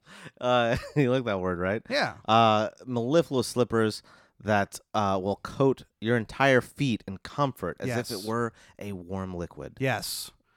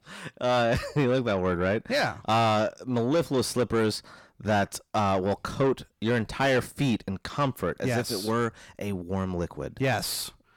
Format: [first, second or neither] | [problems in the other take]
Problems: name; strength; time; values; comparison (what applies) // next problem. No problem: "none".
first | distortion; heavy; 7 dB below the speech